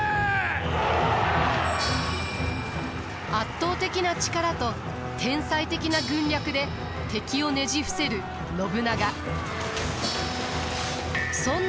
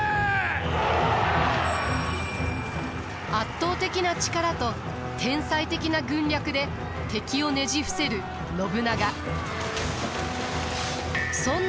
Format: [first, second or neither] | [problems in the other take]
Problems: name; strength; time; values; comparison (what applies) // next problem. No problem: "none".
second | background sound (Crash cymbal); 16 dB below the speech